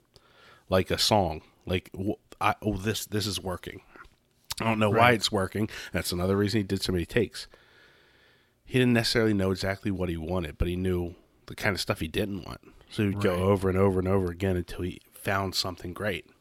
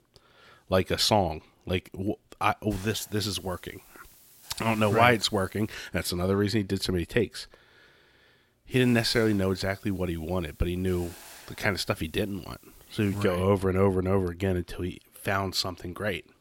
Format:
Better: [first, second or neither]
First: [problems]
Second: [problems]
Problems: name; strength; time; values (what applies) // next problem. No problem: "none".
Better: first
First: none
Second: hiss; faint; from 2.5 to 5.5 s and from 8.5 to 13 s; 20 dB below the speech